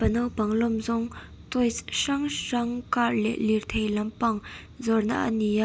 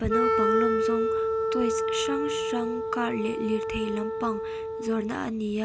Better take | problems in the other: first | background sound (Wind instrument, woodwind instrument); 3 dB above the speech

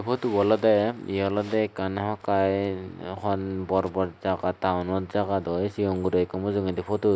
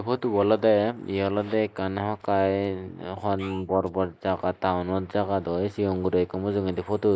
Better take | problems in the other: first | noise reduction (neural mask model Resemble Enhance denoiser)

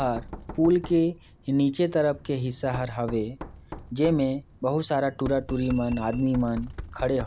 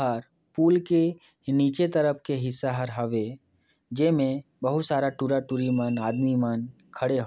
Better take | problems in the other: second | background sound (Knock); 14 dB below the speech

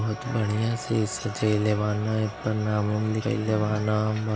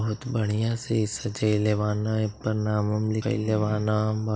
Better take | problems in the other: second | background sound (Crowd); 15 dB below the speech

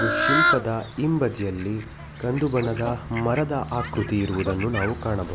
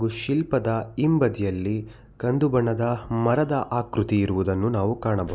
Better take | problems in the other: second | background sound (Fowl); 3 dB below the speech

